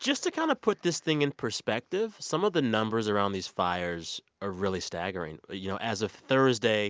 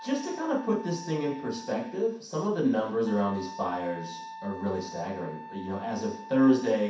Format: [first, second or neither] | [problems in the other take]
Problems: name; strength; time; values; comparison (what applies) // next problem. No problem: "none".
first | background sound (Wind instrument, woodwind instrument); 15 dB below the speech // room echo; dies away in 0.6 s